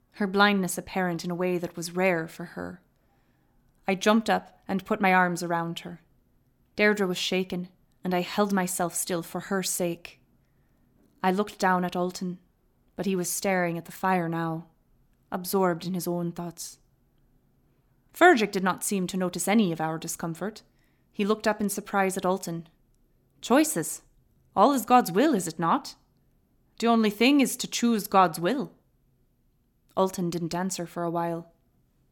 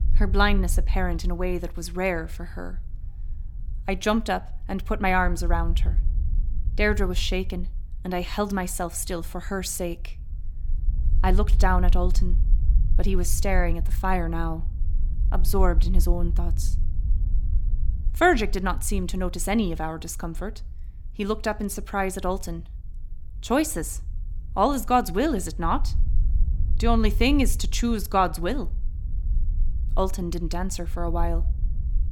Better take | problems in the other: first | low rumble; faint; throughout; 25 dB below the speech

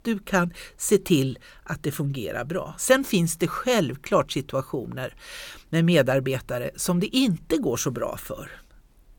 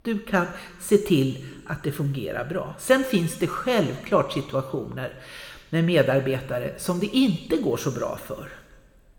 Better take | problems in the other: first | room echo; slight; dies away in 1.4 s

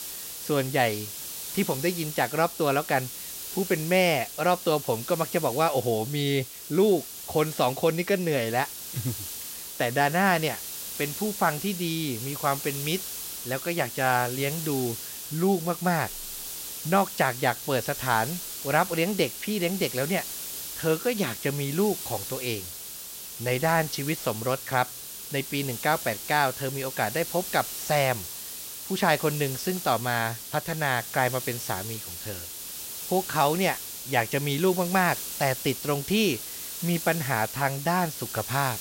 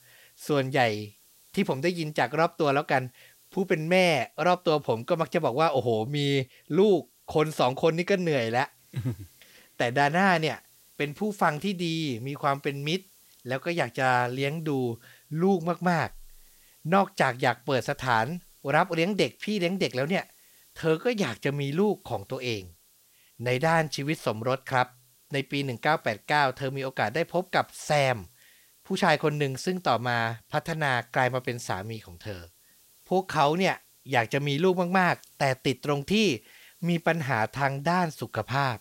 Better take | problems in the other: second | hiss; loud; throughout; 7 dB below the speech; faint in the second

